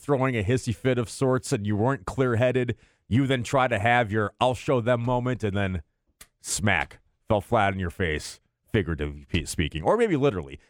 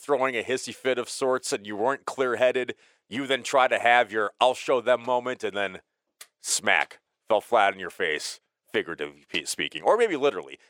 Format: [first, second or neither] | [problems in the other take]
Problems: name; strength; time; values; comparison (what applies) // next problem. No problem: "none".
first | thin; somewhat; fading below 500 Hz